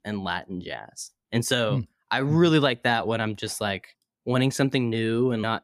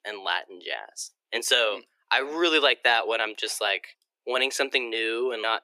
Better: first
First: none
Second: thin; very; fading below 350 Hz

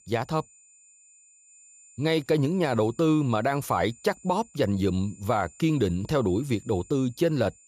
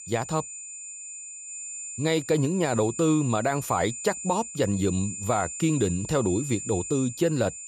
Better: first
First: high-pitched whine; faint; throughout; 7 kHz, 25 dB below the speech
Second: high-pitched whine; loud; throughout; 7 kHz, 9 dB below the speech

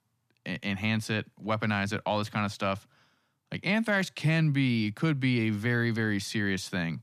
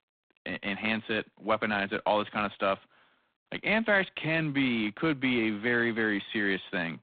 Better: first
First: none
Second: phone-call audio; poor line; nothing above 4 kHz

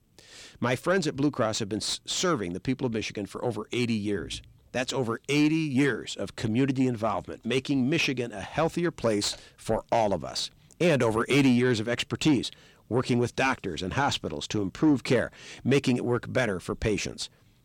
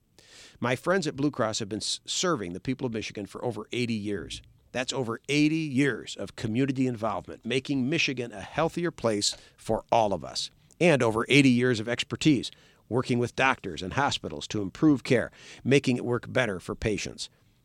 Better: second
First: distortion; slight; 10 dB below the speech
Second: none

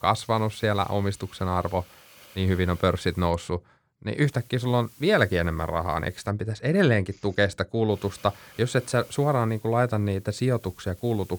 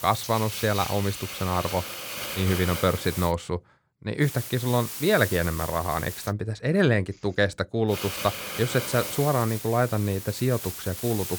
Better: first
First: hiss; faint; until 3.5 s, from 4 to 6.5 s and from 8 s on; 25 dB below the speech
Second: hiss; loud; until 3.5 s, from 4 to 6.5 s and from 8 s on; 7 dB below the speech

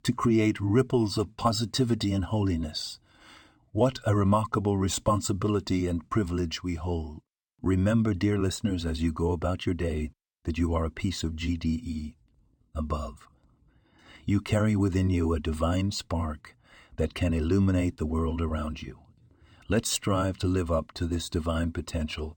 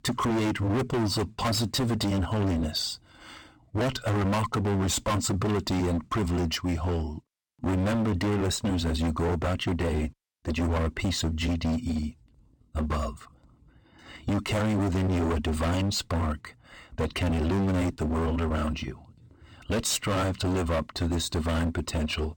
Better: first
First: none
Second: distortion; heavy; 27% of the sound clipped

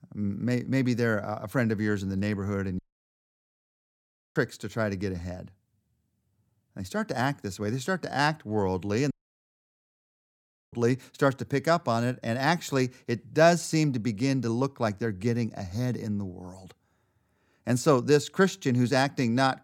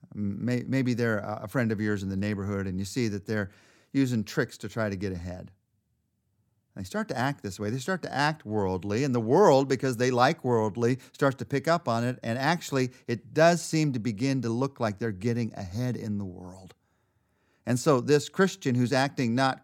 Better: second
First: audio cutting out; at 3 s for 1.5 s and at 9 s for 1.5 s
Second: none

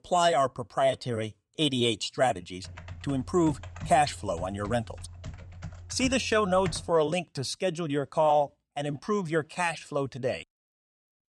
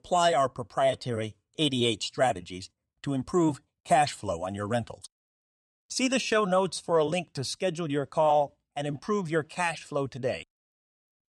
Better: second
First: keyboard typing; faint; from 2.5 to 7 s; peak 10 dB below the speech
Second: none

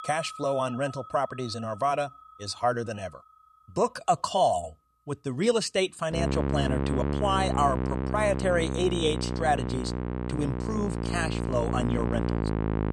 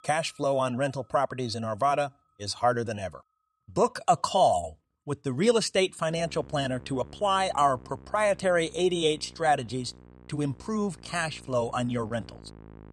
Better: second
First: background music; loud; throughout; 2 dB below the speech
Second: background music; faint; throughout; 25 dB below the speech

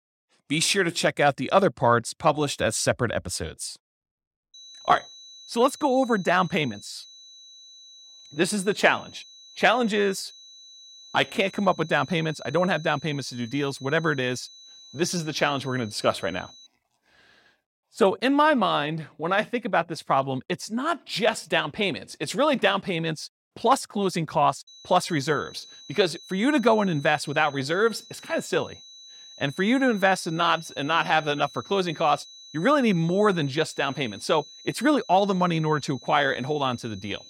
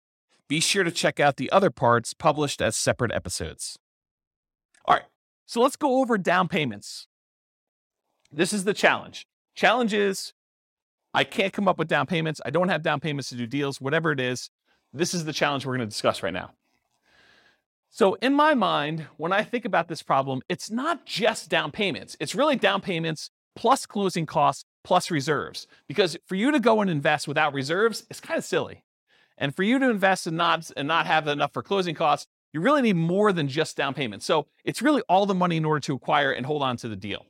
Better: second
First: high-pitched whine; faint; from 4.5 to 17 s and from 25 s on; 4 kHz, 20 dB below the speech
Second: none

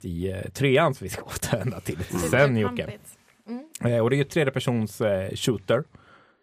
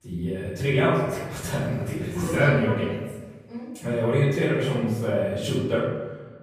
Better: first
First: none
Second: off-mic speech; far // room echo; strong; dies away in 1.1 s

